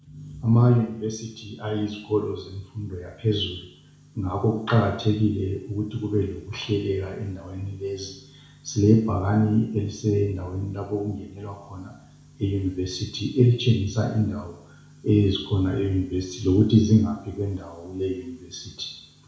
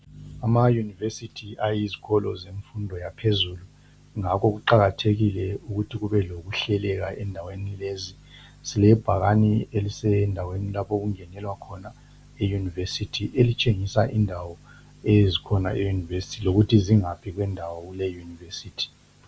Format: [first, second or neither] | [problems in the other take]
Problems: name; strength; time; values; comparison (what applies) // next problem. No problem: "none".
second | room echo; dies away in 0.6 s